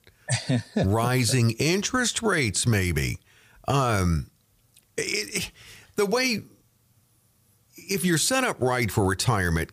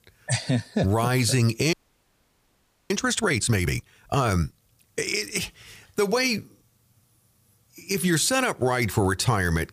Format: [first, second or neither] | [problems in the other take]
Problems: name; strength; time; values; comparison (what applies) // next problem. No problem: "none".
first | audio freezing; at 1.5 s for 1 s